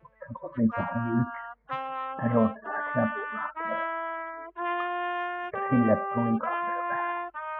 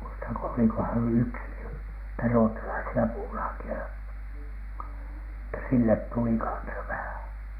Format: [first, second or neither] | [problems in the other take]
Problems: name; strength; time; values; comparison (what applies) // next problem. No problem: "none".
second | noise reduction (classical method spectral subtraction)